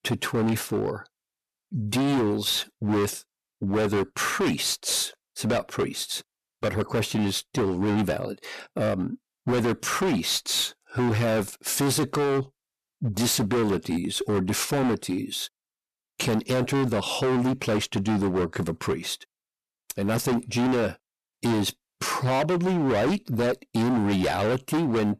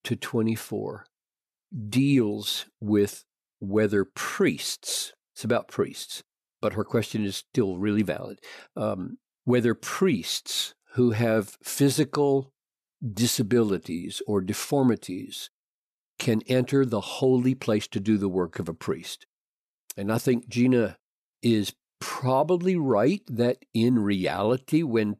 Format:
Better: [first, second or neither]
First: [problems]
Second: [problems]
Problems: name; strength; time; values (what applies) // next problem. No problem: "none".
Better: second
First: distortion; heavy; 22% of the sound clipped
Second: none